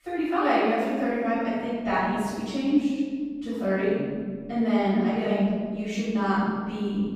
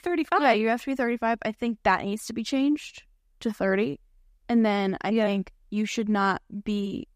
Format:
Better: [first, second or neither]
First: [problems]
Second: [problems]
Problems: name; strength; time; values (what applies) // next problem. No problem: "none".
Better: second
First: off-mic speech; far // room echo; strong; dies away in 2.3 s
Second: none